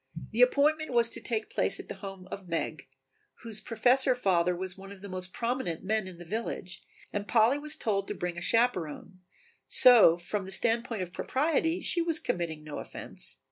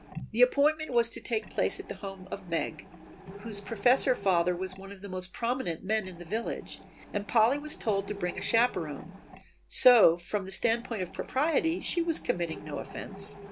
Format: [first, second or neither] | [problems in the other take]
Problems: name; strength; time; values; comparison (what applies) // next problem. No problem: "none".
first | background sound (Mechanisms); 17 dB below the speech